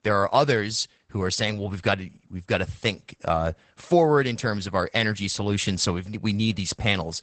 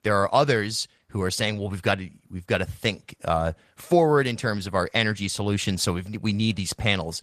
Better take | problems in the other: second | garbled, watery; badly; nothing above 8 kHz; slightly in the second

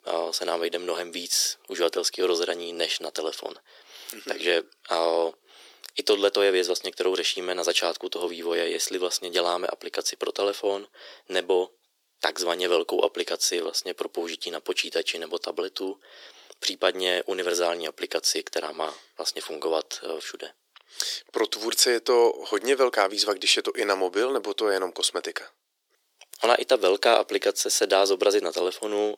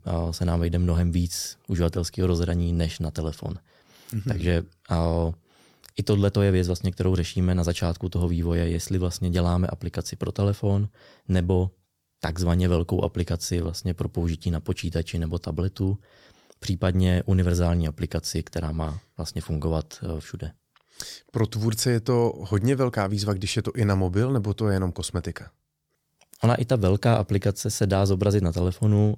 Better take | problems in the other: second | thin; very; fading below 350 Hz

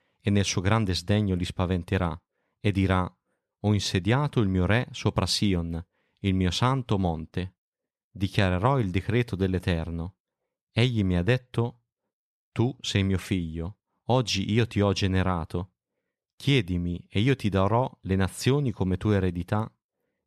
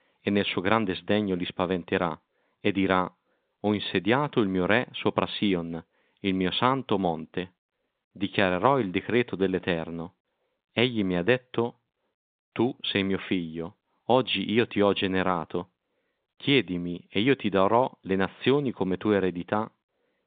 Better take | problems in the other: first | phone-call audio; nothing above 3.5 kHz

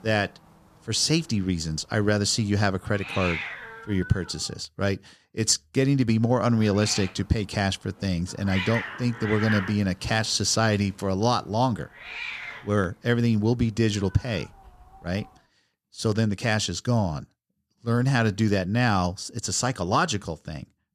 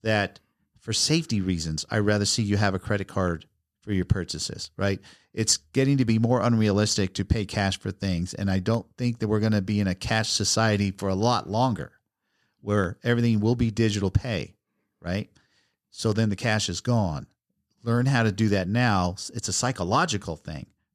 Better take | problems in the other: second | hiss; loud; until 4.5 s and from 6.5 to 15 s; 9 dB below the speech

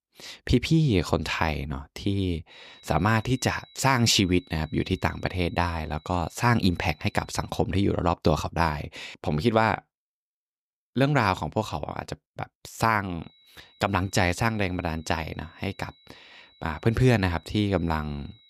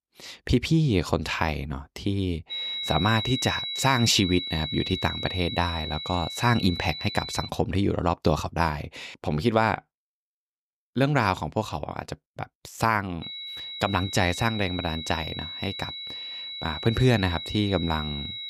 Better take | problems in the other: first | high-pitched whine; loud; from 2.5 to 7.5 s and from 13 s on; 4 kHz, 6 dB below the speech; faint in the first

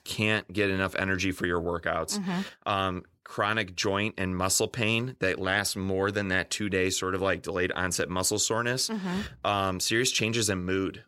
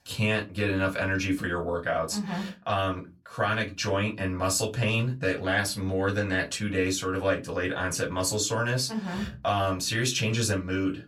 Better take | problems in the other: first | off-mic speech; far // room echo; very slight; dies away in 0.2 s

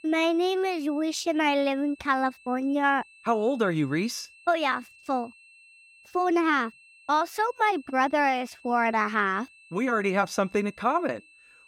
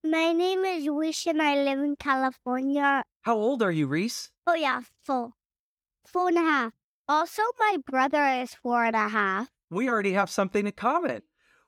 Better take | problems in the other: second | high-pitched whine; faint; throughout; 2.5 kHz, 25 dB below the speech

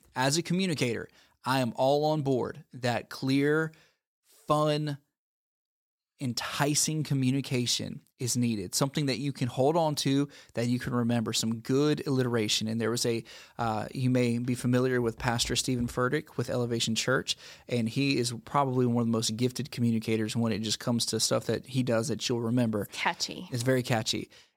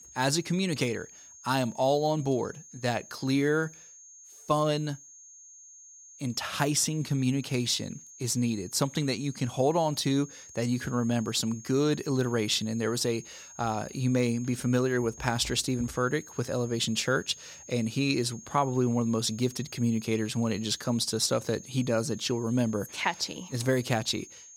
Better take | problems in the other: first | high-pitched whine; noticeable; throughout; 6.5 kHz, 20 dB below the speech

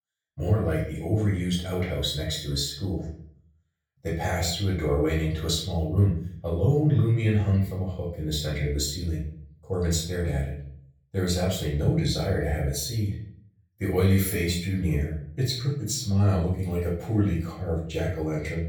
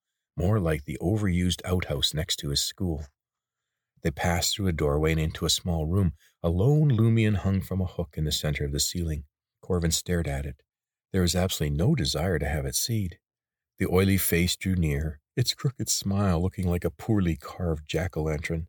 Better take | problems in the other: second | off-mic speech; far // room echo; noticeable; dies away in 0.5 s

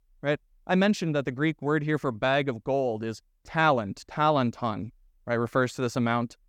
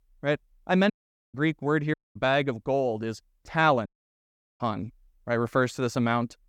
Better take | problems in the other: first | audio cutting out; at 1 s, at 2 s and at 4 s for 0.5 s

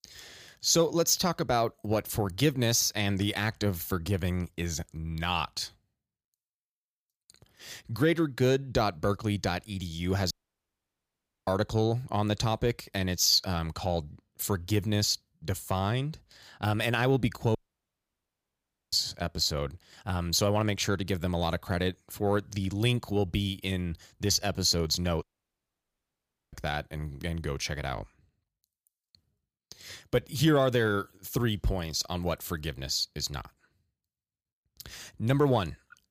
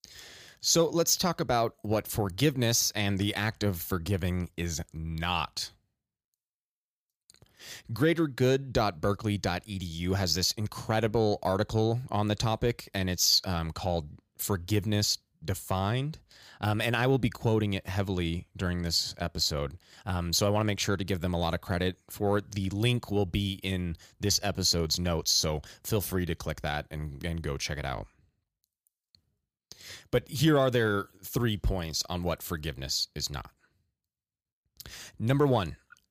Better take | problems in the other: second | audio cutting out; at 10 s for 1 s, at 18 s for 1.5 s and at 25 s for 1.5 s

